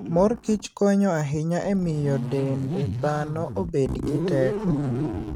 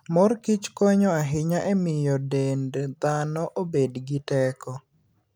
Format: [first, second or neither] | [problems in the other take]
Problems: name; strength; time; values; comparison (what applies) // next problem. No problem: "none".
second | noise reduction (neural mask model RNNoise)